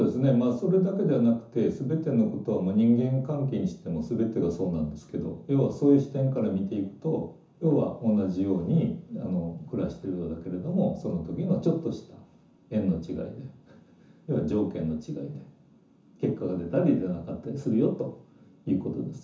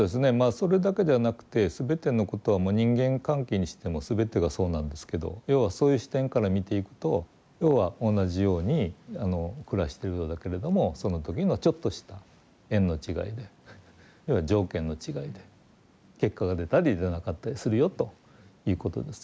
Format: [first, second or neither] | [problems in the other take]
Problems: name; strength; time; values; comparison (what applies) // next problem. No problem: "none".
second | room echo; dies away in 0.9 s